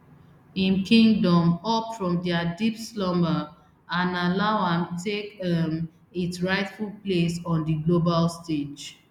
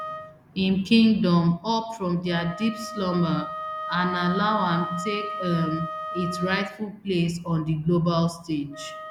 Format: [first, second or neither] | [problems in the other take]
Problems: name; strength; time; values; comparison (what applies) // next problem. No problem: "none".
first | background sound (Wind instrument, woodwind instrument); 10 dB below the speech